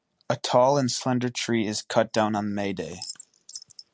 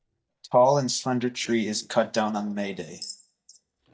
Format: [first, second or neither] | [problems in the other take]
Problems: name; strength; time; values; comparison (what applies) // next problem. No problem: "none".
first | noise reduction (neural mask model DeepFilterNet 3)